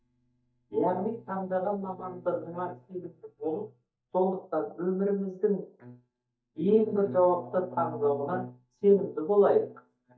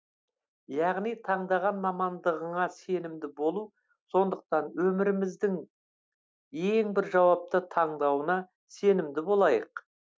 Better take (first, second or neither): second